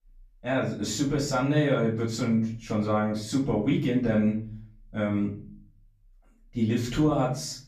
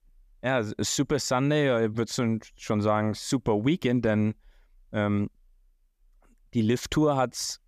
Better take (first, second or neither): second